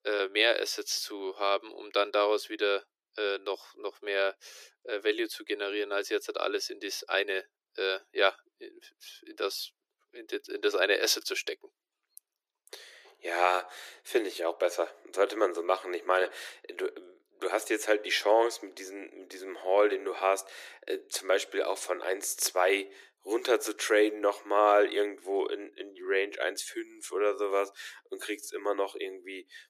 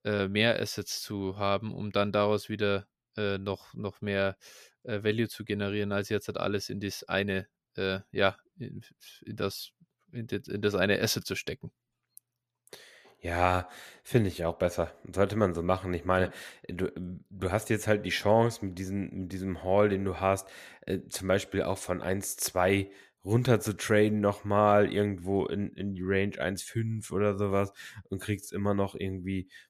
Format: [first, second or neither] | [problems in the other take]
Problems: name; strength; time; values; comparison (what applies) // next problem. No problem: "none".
second | thin; very; fading below 300 Hz